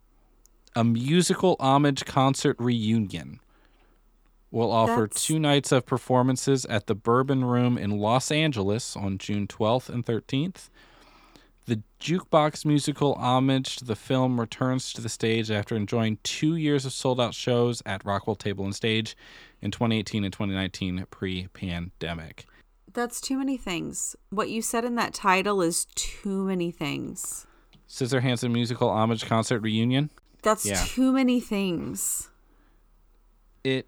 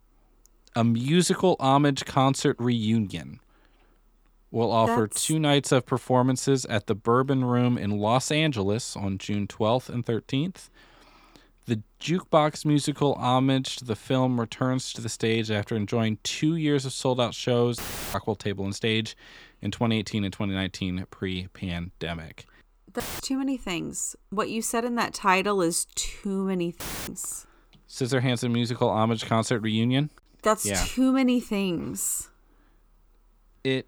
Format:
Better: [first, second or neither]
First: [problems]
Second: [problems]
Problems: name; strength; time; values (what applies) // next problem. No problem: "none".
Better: first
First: none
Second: audio cutting out; filled with static; at 18 s, at 23 s and at 27 s